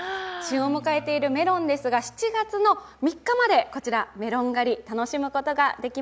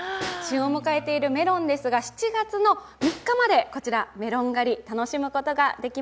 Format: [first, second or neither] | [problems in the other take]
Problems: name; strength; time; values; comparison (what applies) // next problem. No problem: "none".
first | background sound (Snare drum); 19 dB below the speech